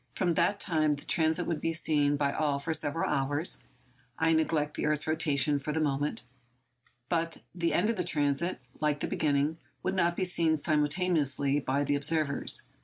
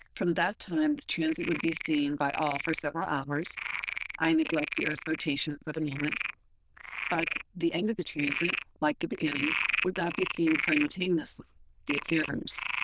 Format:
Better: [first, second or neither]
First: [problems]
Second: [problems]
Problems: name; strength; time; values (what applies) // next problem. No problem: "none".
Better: first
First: none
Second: noise reduction (neural diffusion model UNIVERSE++)